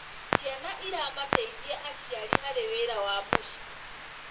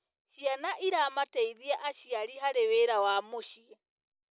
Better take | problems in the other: second | background sound (Clock); 1 dB above the speech // room echo; dies away in 0.2 s

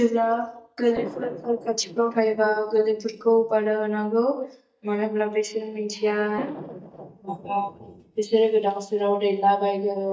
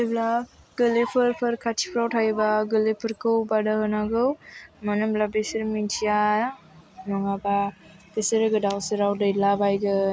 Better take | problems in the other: second | noise reduction (neural mask model DeepFilterNet 3)

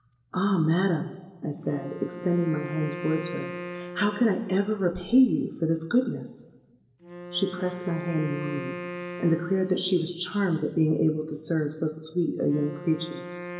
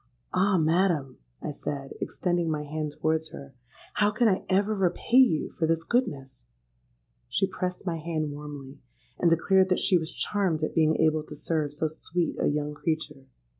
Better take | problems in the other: second | background sound (Wind instrument, woodwind instrument); 13 dB below the speech // room echo; dies away in 1.2 s

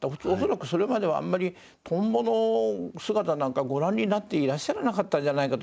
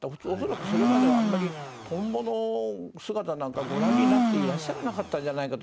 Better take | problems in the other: first | background sound (Domestic sounds, home sounds); 4 dB above the speech

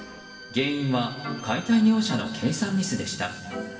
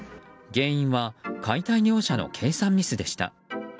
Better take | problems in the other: second | background sound (Bowed string instrument); 19 dB below the speech // room echo; dies away in 2.7 s

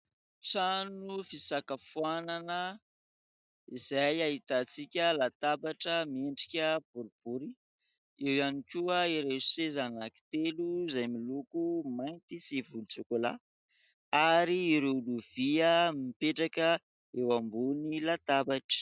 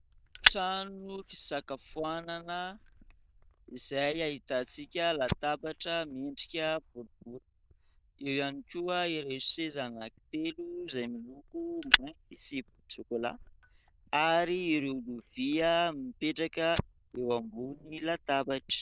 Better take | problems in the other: first | noise reduction (neural diffusion model UNIVERSE++)

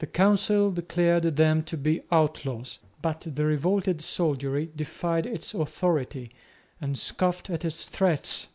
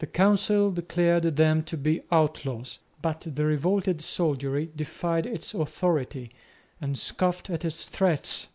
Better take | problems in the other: first | noise reduction (neural mask model Resemble Enhance denoiser)

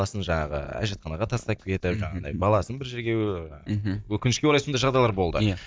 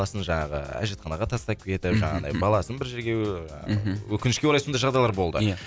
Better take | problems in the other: second | noise reduction (neural mask model DeepFilterNet 3)

